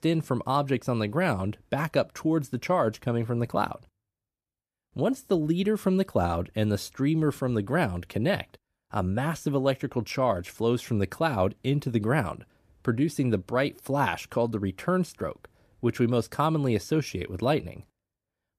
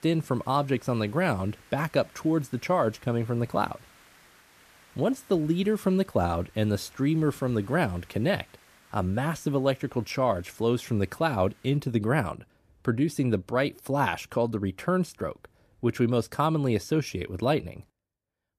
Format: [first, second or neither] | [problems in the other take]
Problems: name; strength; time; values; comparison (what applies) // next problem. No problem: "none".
first | hiss; faint; until 12 s; 30 dB below the speech